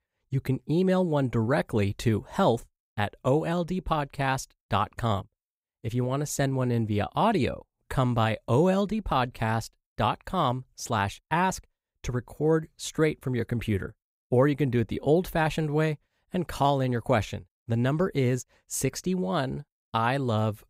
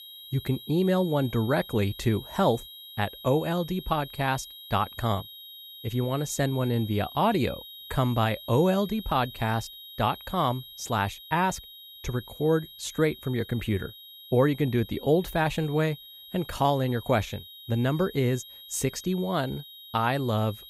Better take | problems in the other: first | high-pitched whine; noticeable; throughout; 4 kHz, 15 dB below the speech

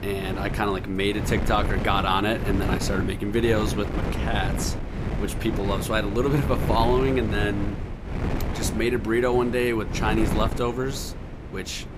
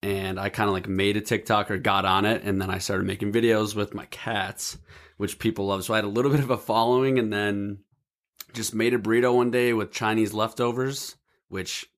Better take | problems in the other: second | wind noise on the microphone; heavy; 8 dB below the speech

